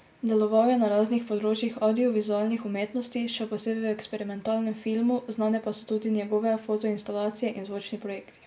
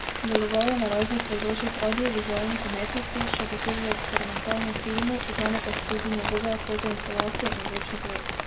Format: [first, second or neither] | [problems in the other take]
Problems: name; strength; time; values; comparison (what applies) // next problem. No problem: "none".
first | background sound (Rain); 1 dB below the speech